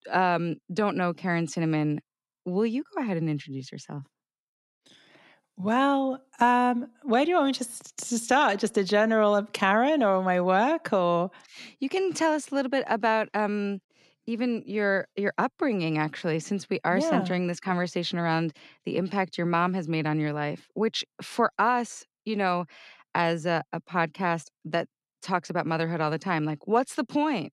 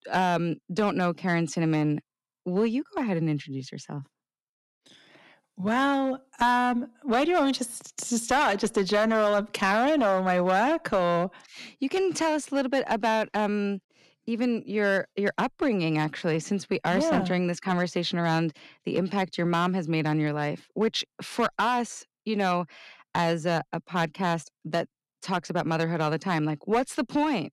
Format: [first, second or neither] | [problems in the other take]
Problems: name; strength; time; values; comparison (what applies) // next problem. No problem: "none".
first | distortion; slight; 4% of the sound clipped